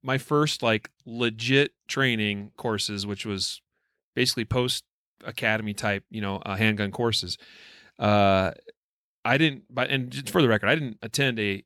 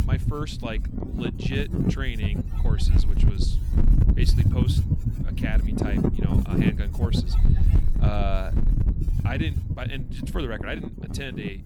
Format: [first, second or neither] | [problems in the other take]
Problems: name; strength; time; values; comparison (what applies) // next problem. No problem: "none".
first | wind noise on the microphone; heavy; 1 dB below the speech